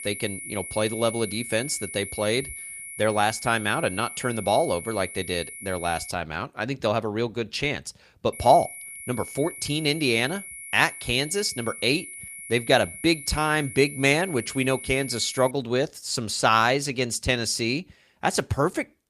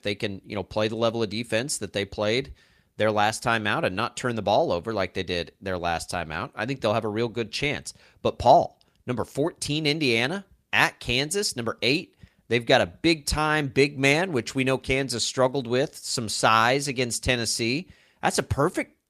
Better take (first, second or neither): second